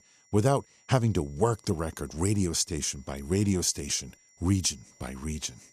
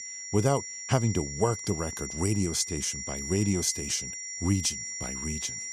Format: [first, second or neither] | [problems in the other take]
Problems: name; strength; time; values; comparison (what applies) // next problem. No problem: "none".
first | high-pitched whine; loud; throughout; 5.5 kHz, 6 dB below the speech; faint in the first